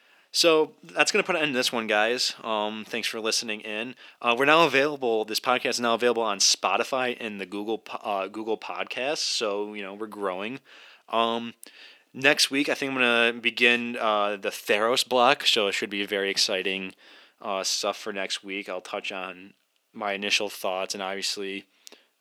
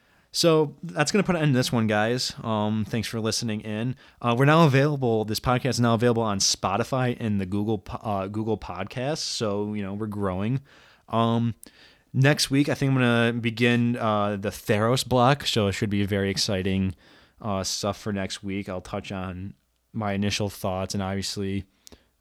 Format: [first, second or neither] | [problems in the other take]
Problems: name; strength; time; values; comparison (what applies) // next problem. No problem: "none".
second | thin; somewhat; fading below 300 Hz